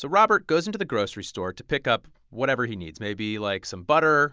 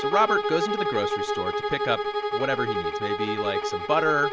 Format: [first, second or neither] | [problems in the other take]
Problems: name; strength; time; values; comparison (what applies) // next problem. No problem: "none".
first | background sound (Bowed string instrument); as loud as the speech